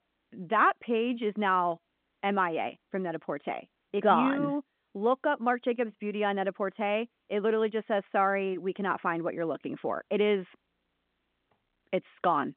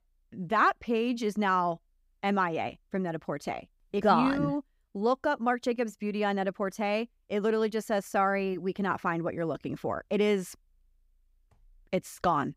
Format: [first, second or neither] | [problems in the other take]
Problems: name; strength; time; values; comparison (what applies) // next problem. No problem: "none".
second | phone-call audio